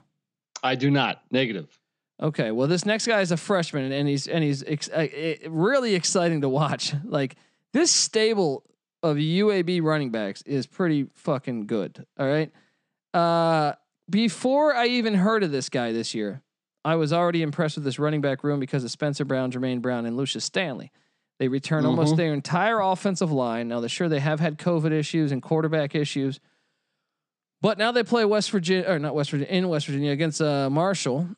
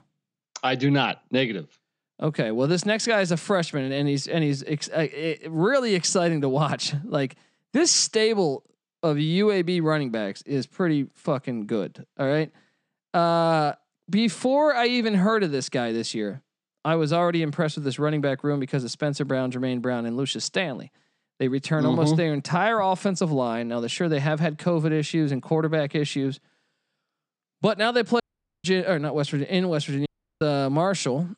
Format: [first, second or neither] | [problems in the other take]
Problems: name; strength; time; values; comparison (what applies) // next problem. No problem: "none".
first | audio cutting out; at 28 s and at 30 s